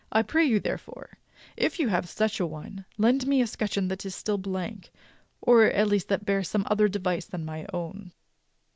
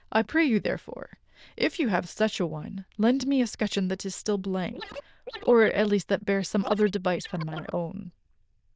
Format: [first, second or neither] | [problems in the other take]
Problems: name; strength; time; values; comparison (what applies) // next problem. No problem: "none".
first | noise reduction (neural diffusion model UNIVERSE++)